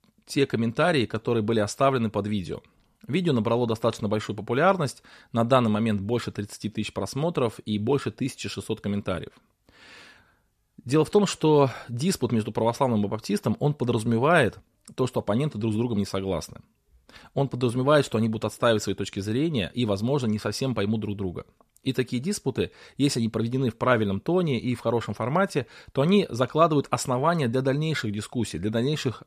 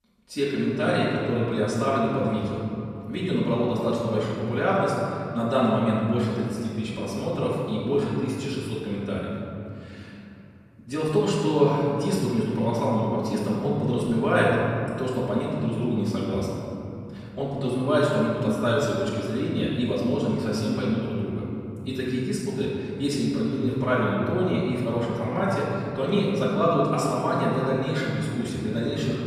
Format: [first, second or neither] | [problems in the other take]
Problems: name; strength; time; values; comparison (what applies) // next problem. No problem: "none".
first | room echo; strong; dies away in 2.8 s // off-mic speech; far